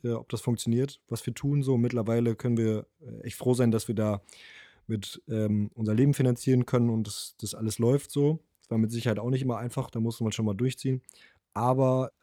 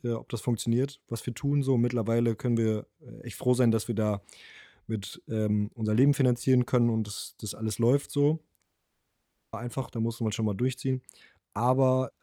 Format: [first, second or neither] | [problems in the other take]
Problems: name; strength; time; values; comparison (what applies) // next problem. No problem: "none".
first | audio cutting out; at 8.5 s for 1 s